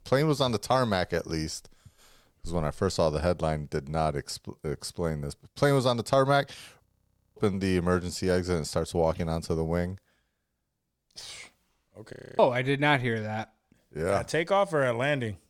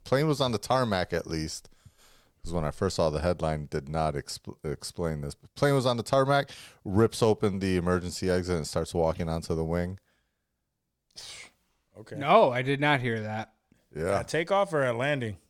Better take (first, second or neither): second